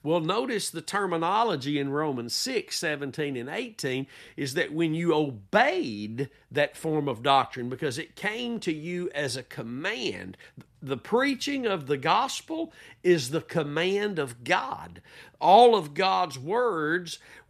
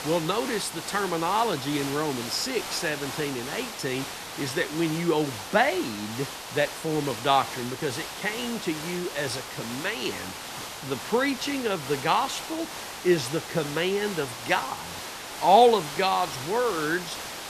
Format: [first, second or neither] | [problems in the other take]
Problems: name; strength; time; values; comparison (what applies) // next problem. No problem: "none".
first | hiss; loud; throughout; 8 dB below the speech